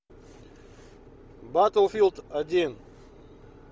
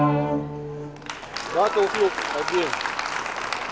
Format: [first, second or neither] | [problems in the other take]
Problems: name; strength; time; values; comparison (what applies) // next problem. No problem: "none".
first | background sound (Applause); 1 dB above the speech